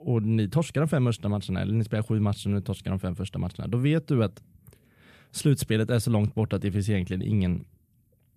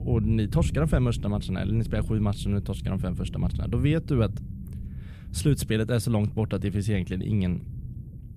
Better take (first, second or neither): first